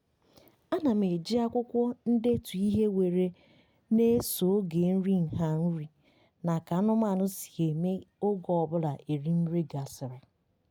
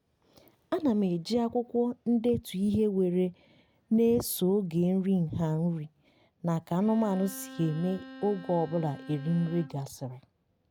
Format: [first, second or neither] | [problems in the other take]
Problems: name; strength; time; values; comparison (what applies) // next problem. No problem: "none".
first | background sound (Bowed string instrument); 17 dB below the speech